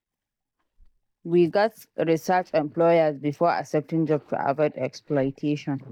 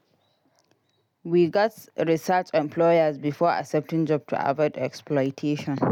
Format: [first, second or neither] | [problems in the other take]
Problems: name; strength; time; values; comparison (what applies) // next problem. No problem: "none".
second | noise reduction (neural mask model DeepFilterNet 3)